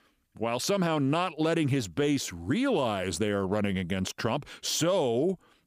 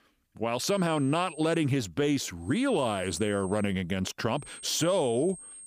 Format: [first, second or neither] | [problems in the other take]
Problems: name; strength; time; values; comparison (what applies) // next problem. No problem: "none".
first | high-pitched whine; noticeable; at 0.5 s, from 2.5 to 3.5 s and from 4.5 s on; 8.5 kHz, 15 dB below the speech